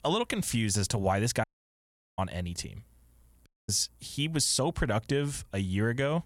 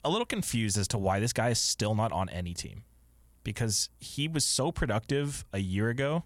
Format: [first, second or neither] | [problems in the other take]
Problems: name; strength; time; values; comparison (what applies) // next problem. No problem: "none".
second | audio cutting out; at 1.5 s for 0.5 s and at 3.5 s